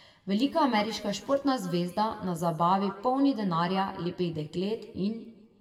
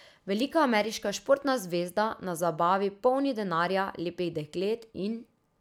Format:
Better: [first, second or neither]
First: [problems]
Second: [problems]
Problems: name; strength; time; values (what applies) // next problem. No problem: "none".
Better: second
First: room echo; dies away in 1.1 s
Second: none